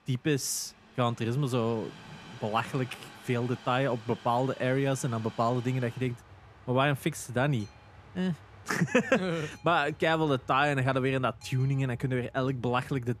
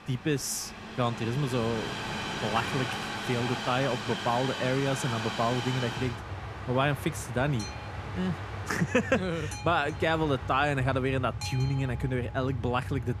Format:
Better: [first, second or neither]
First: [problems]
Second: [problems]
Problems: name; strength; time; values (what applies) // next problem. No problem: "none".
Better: first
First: train or aircraft noise; faint; throughout; 20 dB below the speech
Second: train or aircraft noise; loud; throughout; 6 dB below the speech